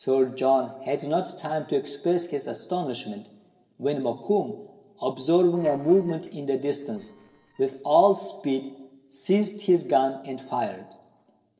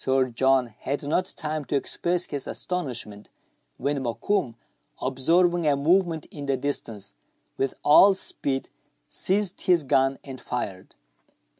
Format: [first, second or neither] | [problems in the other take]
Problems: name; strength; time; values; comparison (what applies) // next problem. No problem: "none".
second | noise reduction (neural separator model SepFormer DNS4)